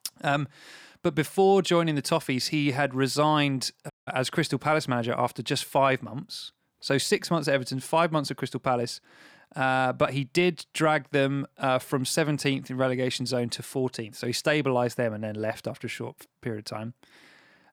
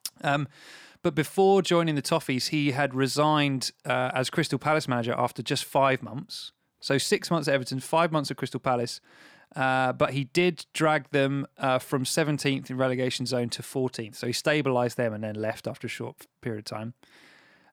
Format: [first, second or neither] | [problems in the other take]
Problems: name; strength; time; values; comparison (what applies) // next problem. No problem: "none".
second | audio cutting out; at 4 s